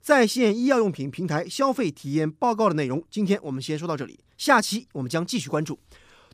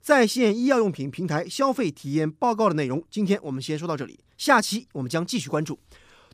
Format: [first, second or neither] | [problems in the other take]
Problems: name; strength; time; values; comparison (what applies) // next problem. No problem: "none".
neither | none